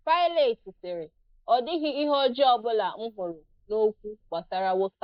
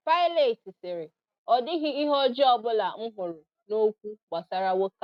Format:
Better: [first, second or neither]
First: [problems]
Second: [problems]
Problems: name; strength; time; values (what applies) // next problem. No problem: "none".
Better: second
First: noise reduction (neural mask model Resemble Enhance denoiser)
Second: none